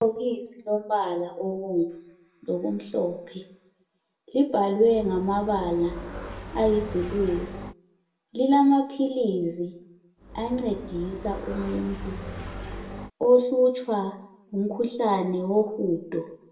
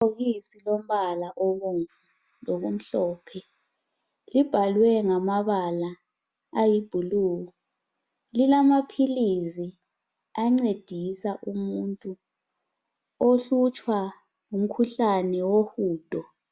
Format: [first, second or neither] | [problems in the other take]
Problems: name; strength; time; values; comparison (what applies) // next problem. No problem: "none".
second | background sound (Motorcycle); 11 dB below the speech // room echo; dies away in 0.6 s